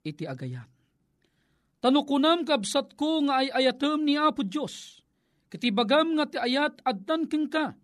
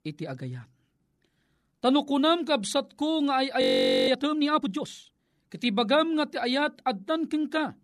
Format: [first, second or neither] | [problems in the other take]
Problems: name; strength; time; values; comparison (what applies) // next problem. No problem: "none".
first | audio freezing; at 3.5 s